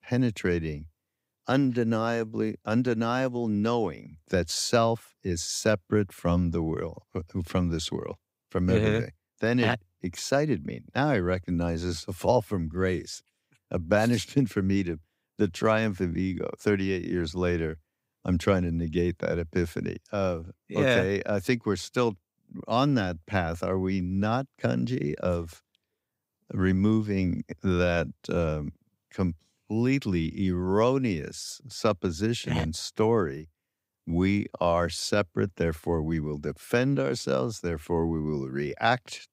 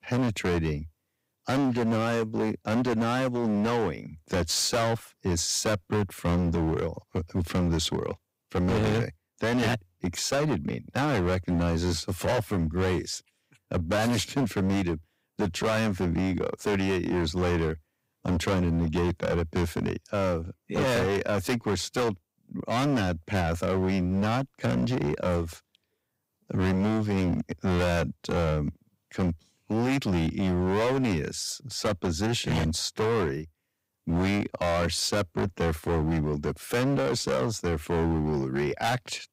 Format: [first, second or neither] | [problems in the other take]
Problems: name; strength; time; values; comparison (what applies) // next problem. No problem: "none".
first | distortion; heavy; 20% of the sound clipped